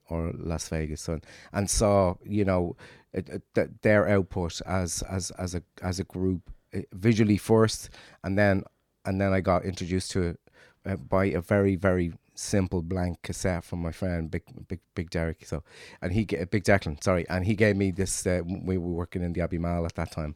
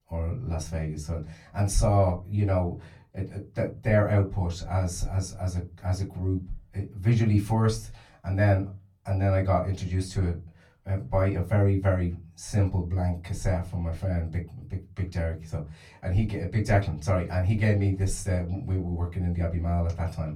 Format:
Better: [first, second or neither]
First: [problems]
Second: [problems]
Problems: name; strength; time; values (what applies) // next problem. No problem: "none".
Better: first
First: none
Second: off-mic speech; far // room echo; very slight; dies away in 0.3 s